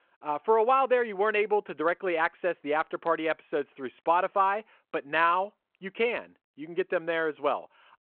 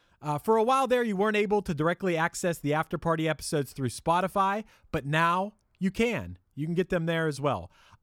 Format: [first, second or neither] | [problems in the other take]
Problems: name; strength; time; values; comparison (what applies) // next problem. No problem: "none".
second | phone-call audio